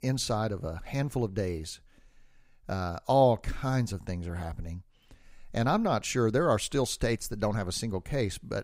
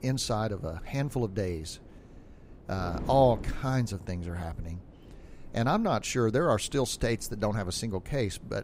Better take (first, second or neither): first